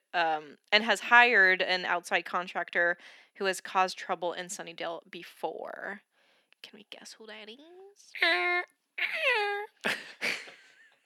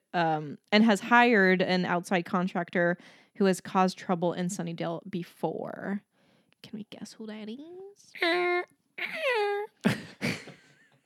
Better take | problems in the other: second | thin; very; fading below 500 Hz

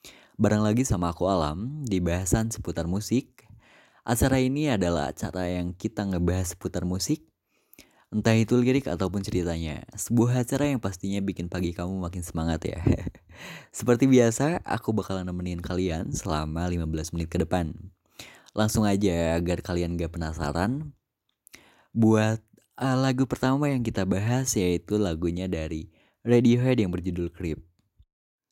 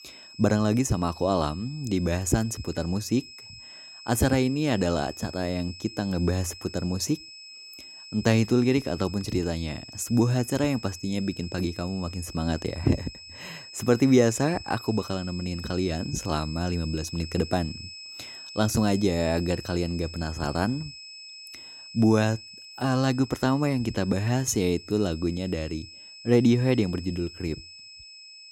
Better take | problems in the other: first | high-pitched whine; noticeable; throughout; 5 kHz, 15 dB below the speech

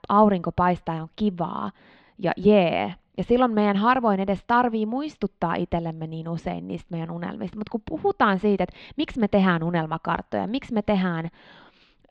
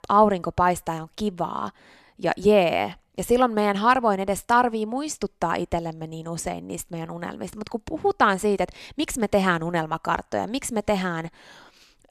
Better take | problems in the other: second | muffled; slightly; fading above 3.5 kHz

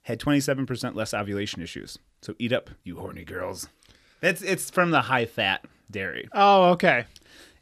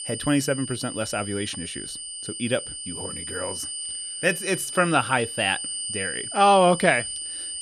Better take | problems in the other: first | high-pitched whine; loud; throughout; 9 kHz, 7 dB below the speech

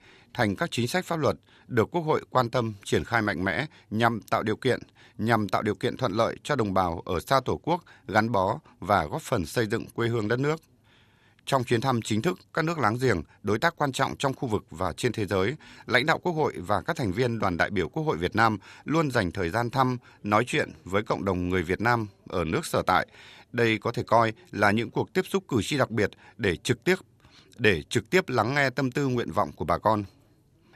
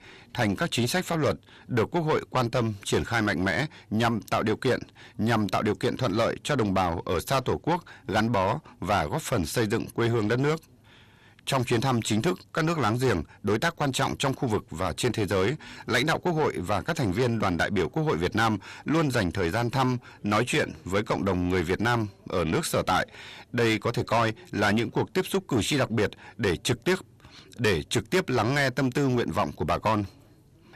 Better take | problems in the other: first | distortion; heavy; 7 dB below the speech

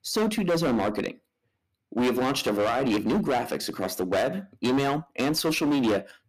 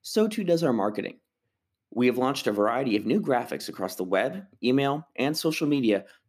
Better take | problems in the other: second | distortion; heavy; 16% of the sound clipped

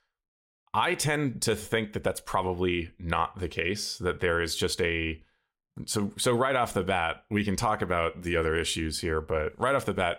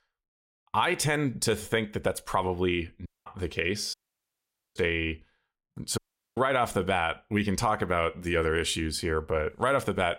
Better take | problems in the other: first | audio cutting out; at 3 s, at 4 s for 1 s and at 6 s

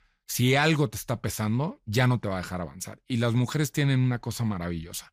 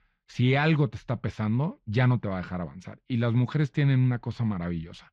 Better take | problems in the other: first | muffled; slightly; fading above 3.5 kHz

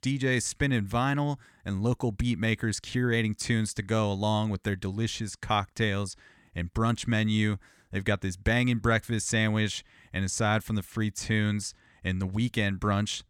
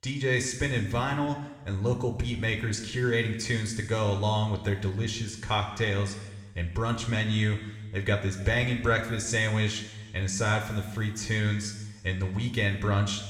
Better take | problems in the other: first | room echo; noticeable; dies away in 1.1 s // off-mic speech; somewhat distant

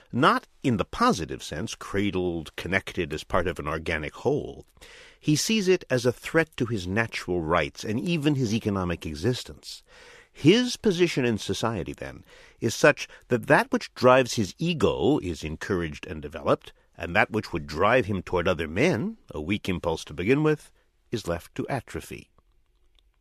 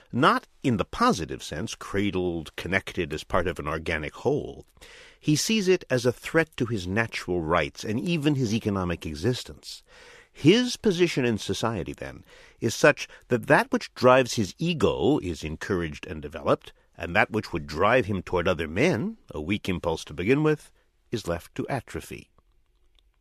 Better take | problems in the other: neither | none

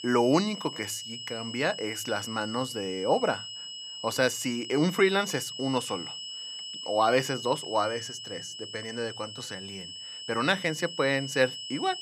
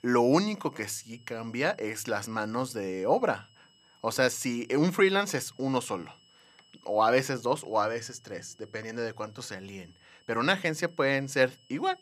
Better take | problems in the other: second | high-pitched whine; loud; throughout; 3 kHz, 9 dB below the speech; faint in the second

